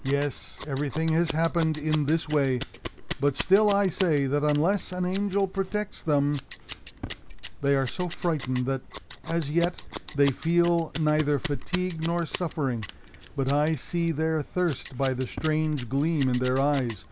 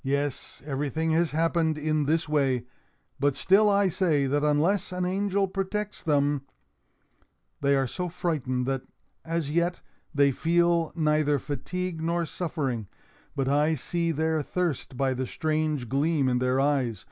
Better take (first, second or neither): second